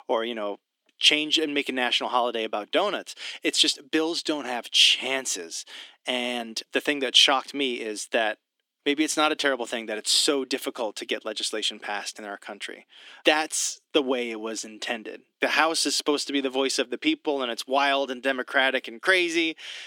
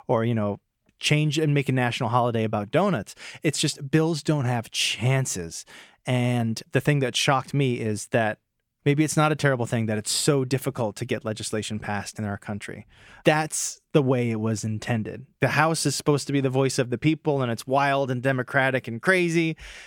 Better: second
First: thin; somewhat; fading below 250 Hz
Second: none

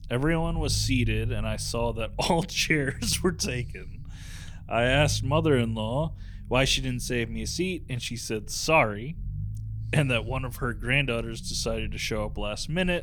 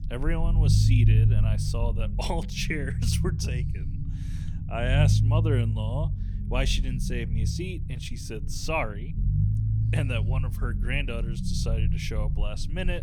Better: first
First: low rumble; faint; throughout; 25 dB below the speech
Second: low rumble; loud; throughout; 7 dB below the speech

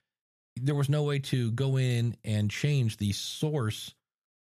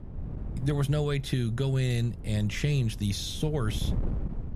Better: first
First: none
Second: wind noise on the microphone; occasional gusts; 15 dB below the speech

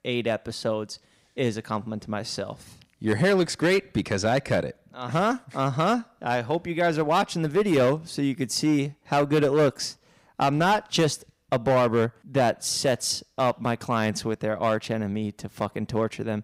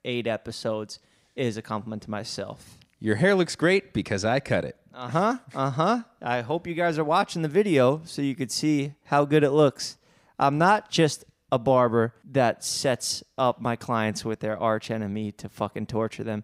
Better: second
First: distortion; slight; 5% of the sound clipped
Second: none

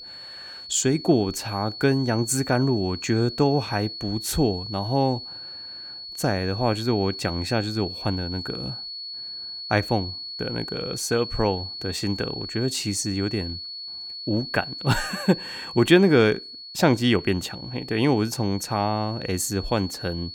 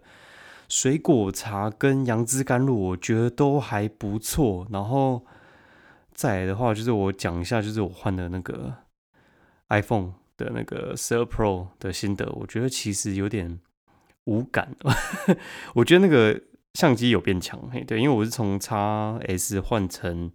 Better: second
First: high-pitched whine; loud; throughout; 4.5 kHz, 9 dB below the speech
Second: none

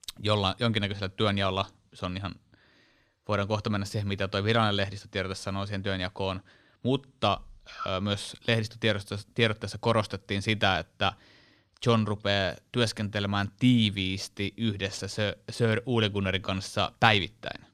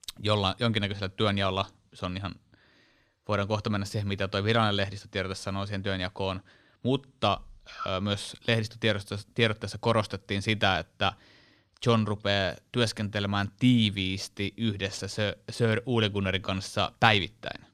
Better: neither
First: none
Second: none

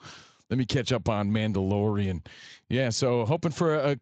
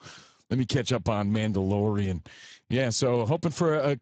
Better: first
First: garbled, watery; slightly; nothing above 7.5 kHz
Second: garbled, watery; badly; nothing above 8 kHz

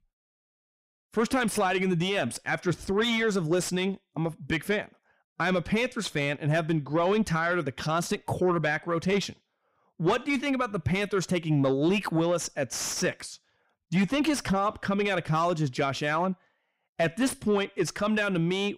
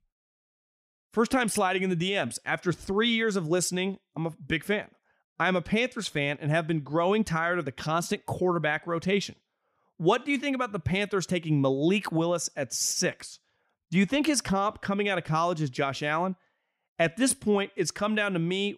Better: second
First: distortion; slight; 10 dB below the speech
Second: none

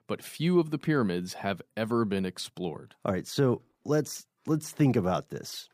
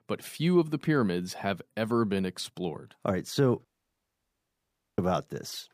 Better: first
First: none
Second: audio cutting out; at 3.5 s for 1.5 s

